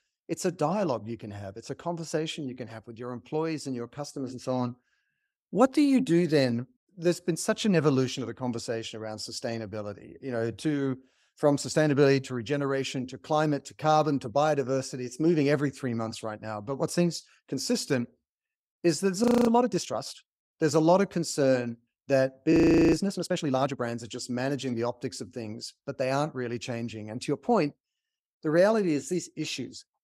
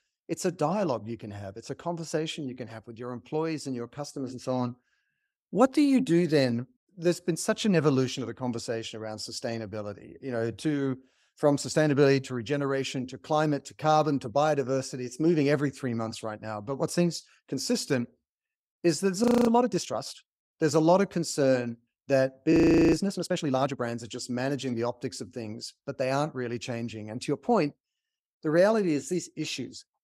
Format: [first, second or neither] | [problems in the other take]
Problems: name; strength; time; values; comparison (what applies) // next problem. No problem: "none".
neither | audio freezing; at 19 s and at 23 s; the same in both